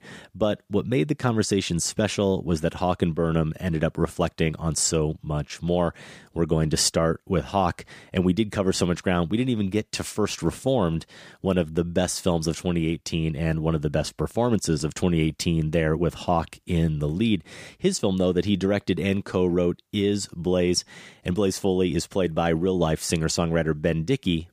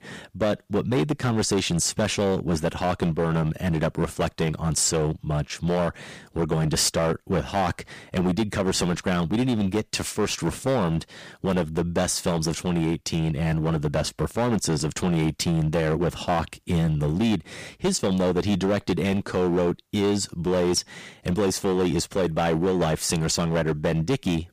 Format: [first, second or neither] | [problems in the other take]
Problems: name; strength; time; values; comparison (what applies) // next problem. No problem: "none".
first | distortion; heavy; 12% of the sound clipped